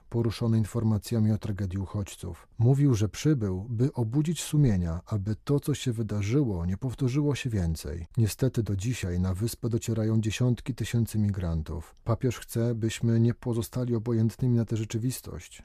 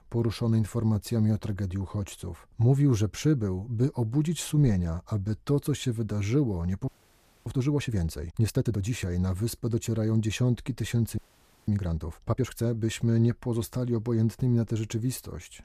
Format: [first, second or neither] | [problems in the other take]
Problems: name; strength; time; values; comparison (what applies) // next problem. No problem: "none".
first | audio freezing; at 7 s for 0.5 s and at 11 s for 0.5 s